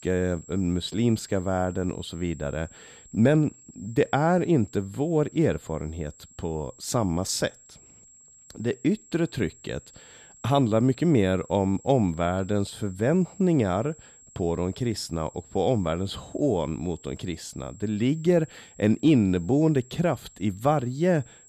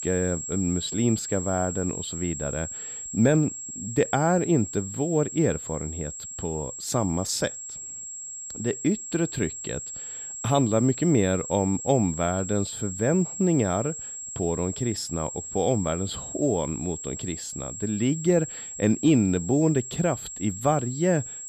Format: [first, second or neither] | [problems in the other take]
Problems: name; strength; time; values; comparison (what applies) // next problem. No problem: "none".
first | high-pitched whine; loud; throughout; 7.5 kHz, 8 dB below the speech; faint in the first